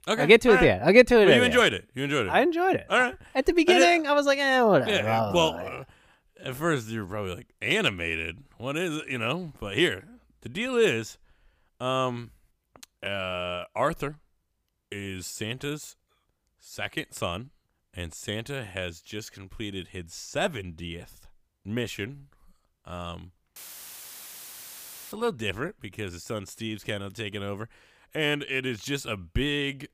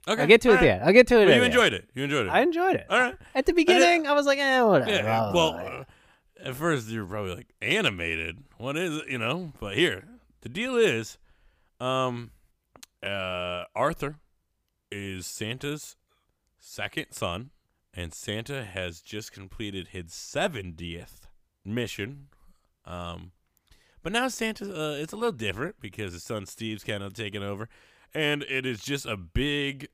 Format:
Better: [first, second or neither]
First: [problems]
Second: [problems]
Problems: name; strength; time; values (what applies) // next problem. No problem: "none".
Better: second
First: audio cutting out; filled with static; at 24 s for 1.5 s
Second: none